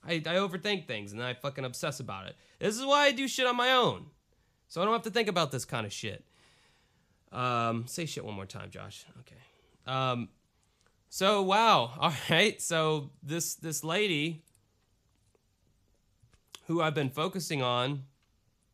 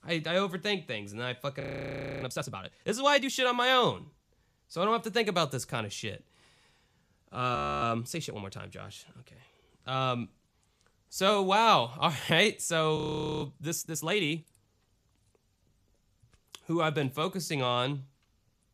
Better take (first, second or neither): first